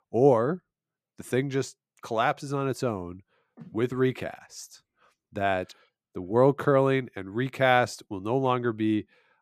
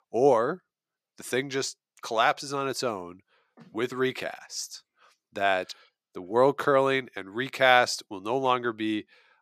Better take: first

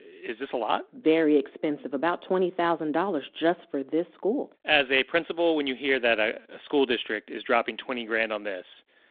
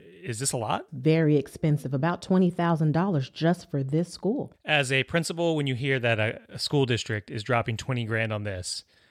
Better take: second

